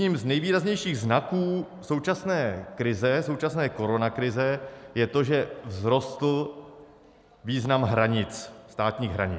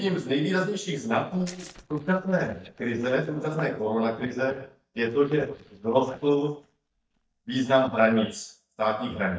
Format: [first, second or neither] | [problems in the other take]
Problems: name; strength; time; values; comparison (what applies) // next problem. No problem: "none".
first | noise reduction (neural mask model DeepFilterNet 3)